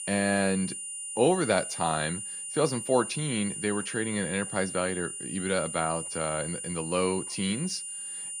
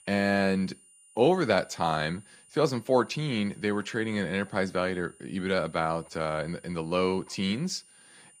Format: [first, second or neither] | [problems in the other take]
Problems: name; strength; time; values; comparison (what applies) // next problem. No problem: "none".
second | high-pitched whine; loud; throughout; 9.5 kHz, 5 dB below the speech; faint in the second